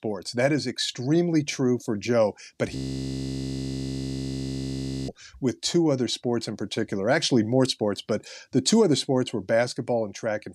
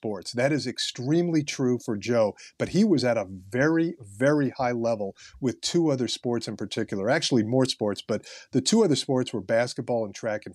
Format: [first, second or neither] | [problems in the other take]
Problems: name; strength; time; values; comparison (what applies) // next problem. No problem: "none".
second | audio freezing; at 3 s for 2.5 s